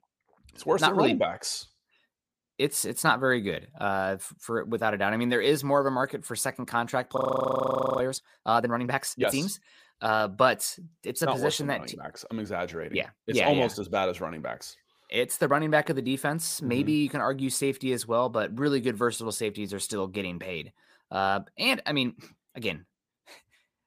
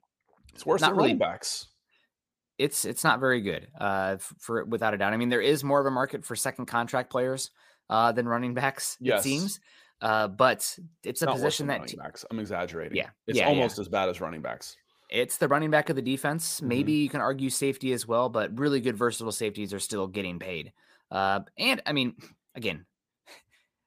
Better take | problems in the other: second | audio freezing; at 7 s for 1 s

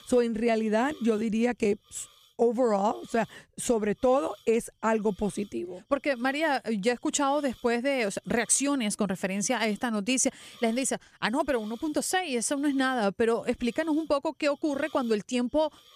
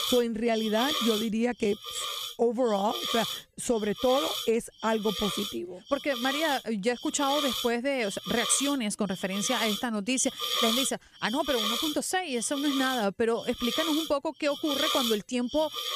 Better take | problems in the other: first | hiss; loud; throughout; 3 dB below the speech; faint in the first

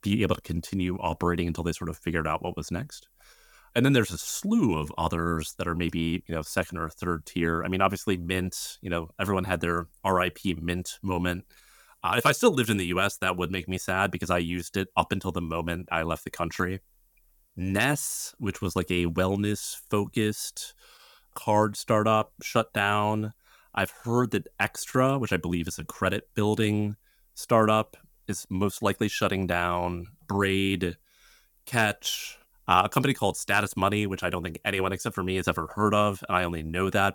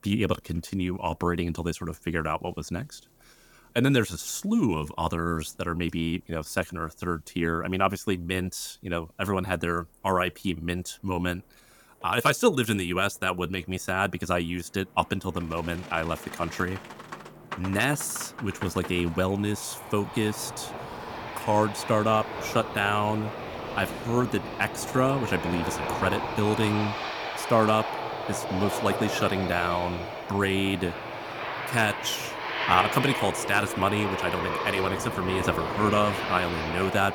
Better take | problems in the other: first | train or aircraft noise; loud; throughout; 6 dB below the speech

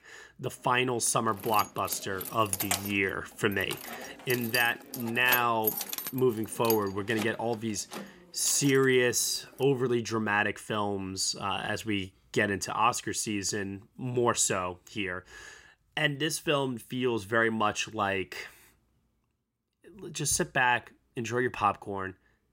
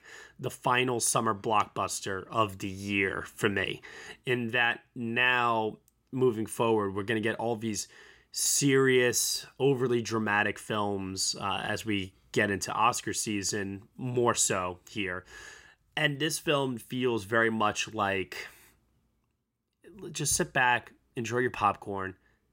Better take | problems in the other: second | jangling keys; loud; from 1.5 to 8.5 s; peak level with the speech

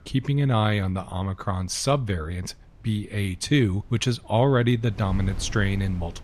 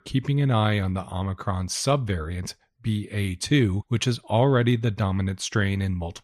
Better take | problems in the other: second | wind noise on the microphone; occasional gusts; 25 dB below the speech

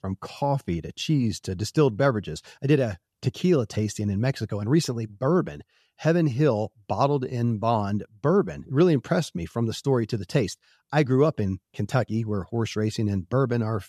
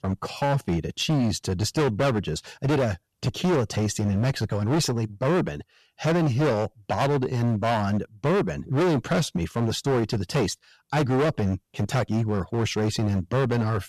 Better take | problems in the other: first | distortion; heavy; 19% of the sound clipped

